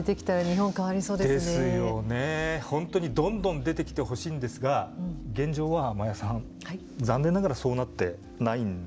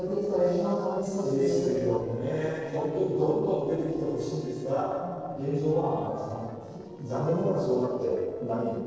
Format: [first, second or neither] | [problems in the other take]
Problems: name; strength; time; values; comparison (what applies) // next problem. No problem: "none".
first | noise reduction (neural separator model SepFormer DNS4)